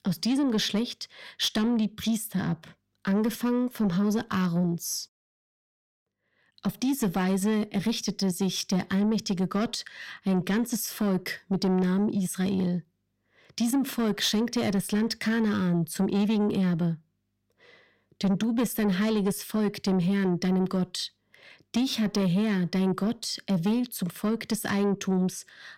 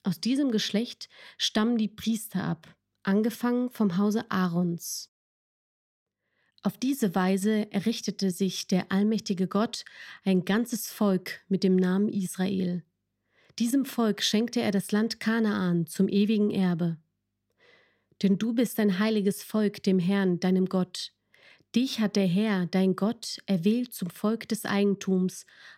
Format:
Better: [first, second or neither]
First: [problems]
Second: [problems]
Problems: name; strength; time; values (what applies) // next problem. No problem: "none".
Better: second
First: distortion; slight; 10 dB below the speech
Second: none